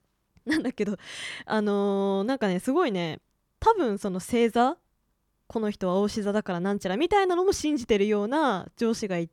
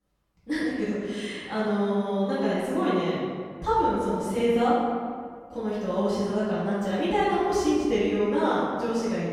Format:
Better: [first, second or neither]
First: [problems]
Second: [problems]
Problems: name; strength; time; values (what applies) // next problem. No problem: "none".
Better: first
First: none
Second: room echo; strong; dies away in 1.9 s // off-mic speech; far